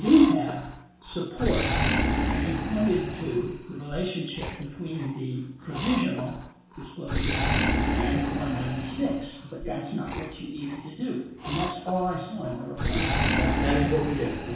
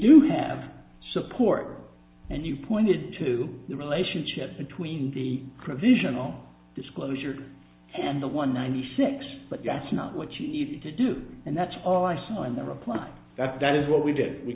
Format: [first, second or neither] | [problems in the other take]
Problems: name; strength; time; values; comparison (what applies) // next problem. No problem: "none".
second | background sound (Animal); 2 dB below the speech // room echo; dies away in 0.6 s